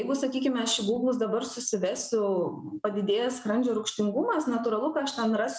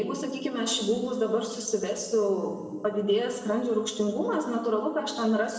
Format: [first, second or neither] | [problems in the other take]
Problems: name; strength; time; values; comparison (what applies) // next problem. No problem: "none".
first | room echo; dies away in 1.5 s